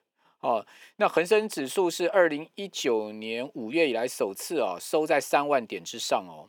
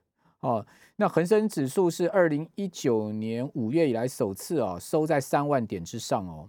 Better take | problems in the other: second | thin; somewhat; fading below 400 Hz

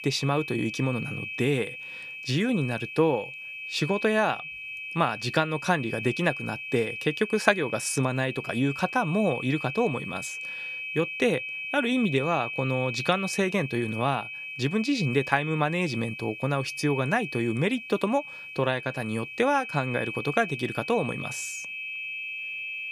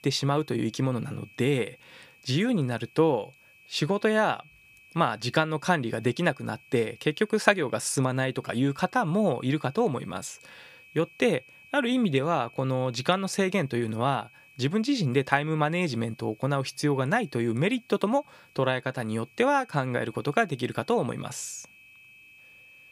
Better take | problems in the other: second | high-pitched whine; loud; throughout; 2.5 kHz, 7 dB below the speech; faint in the second

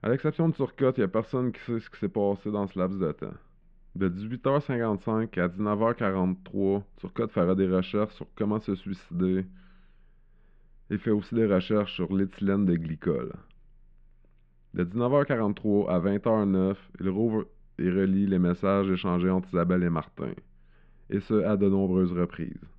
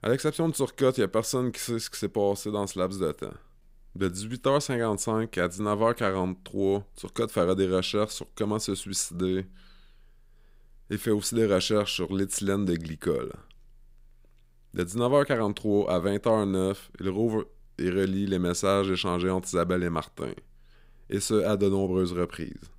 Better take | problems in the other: second | muffled; very; fading above 2.5 kHz

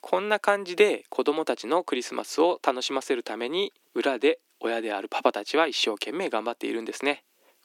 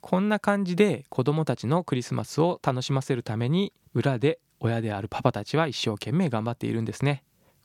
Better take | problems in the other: second | thin; somewhat; fading below 300 Hz

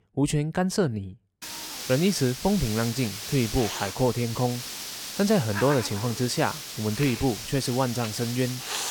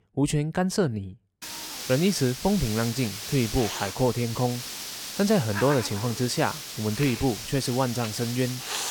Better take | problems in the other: neither | hiss; loud; from 1.5 s on; 7 dB below the speech; the same in both

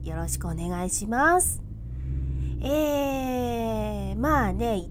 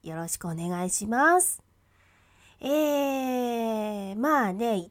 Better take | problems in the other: second | low rumble; faint; throughout; 20 dB below the speech

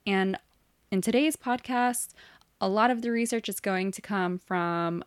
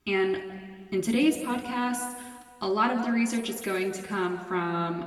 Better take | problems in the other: first | room echo; noticeable; dies away in 1.5 s // off-mic speech; far

